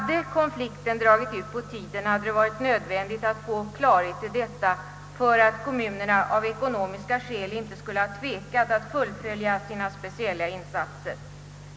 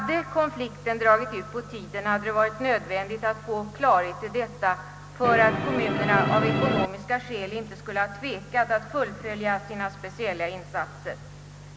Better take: first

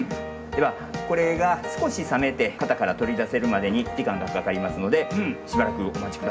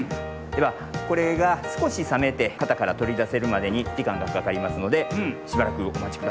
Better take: second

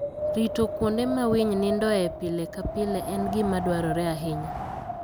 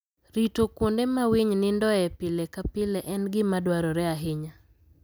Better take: second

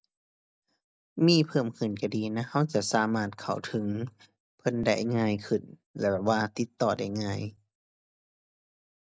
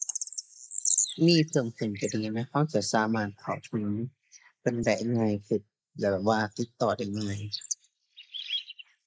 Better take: first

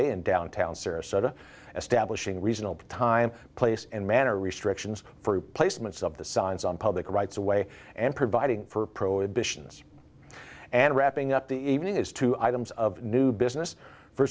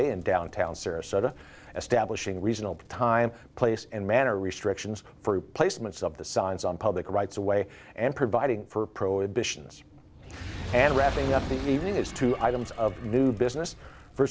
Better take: first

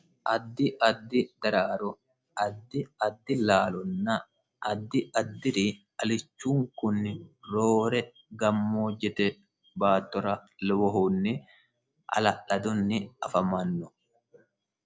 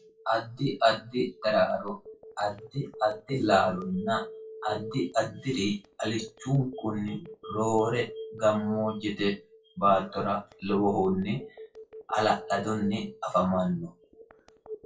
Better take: first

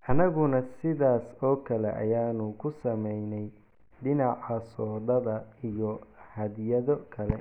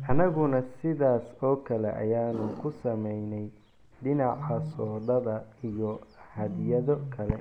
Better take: first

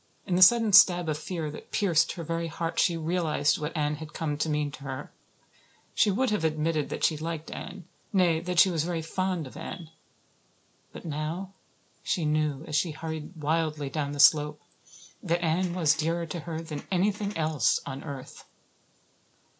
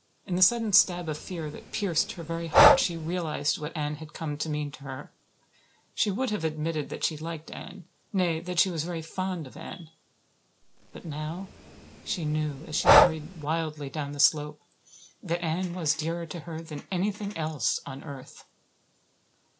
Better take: first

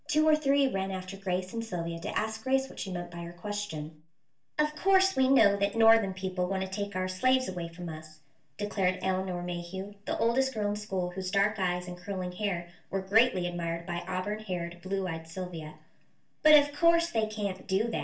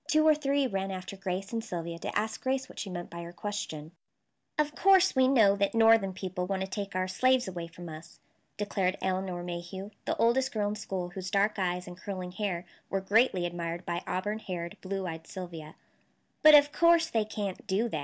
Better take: second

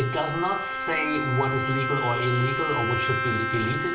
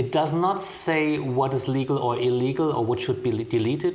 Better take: second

